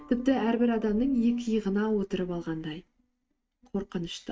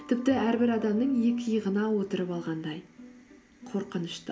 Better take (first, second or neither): second